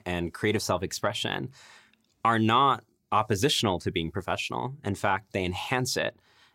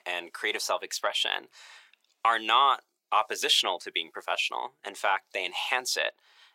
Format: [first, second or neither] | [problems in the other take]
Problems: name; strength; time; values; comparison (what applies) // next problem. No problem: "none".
first | thin; very; fading below 550 Hz